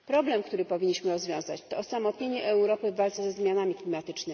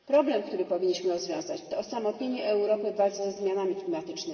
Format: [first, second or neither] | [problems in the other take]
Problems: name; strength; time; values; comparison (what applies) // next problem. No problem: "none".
first | room echo; dies away in 2.2 s